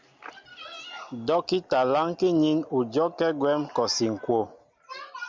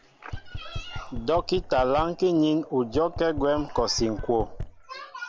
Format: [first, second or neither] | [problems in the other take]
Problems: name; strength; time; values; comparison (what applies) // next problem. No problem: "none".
first | background sound (Knock); 10 dB below the speech